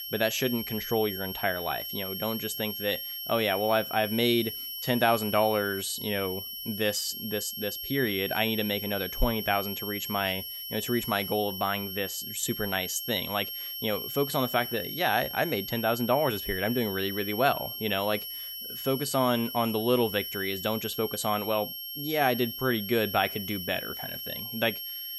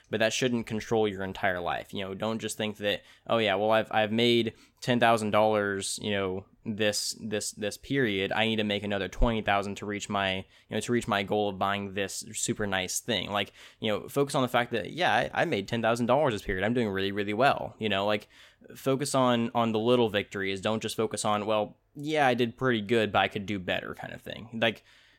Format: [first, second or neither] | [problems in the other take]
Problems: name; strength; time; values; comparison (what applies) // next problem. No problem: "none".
second | high-pitched whine; loud; throughout; 3 kHz, 5 dB below the speech